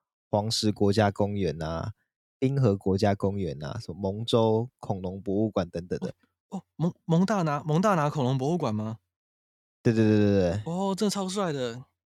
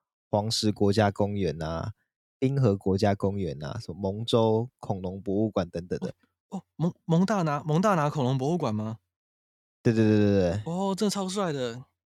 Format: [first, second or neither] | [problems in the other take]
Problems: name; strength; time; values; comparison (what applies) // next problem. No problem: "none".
neither | none